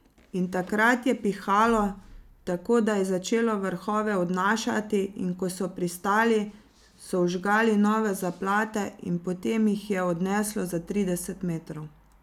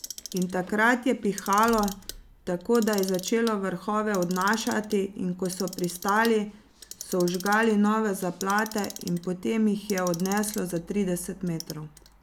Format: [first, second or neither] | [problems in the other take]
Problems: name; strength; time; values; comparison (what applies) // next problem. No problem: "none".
first | background sound (Clock); 16 dB below the speech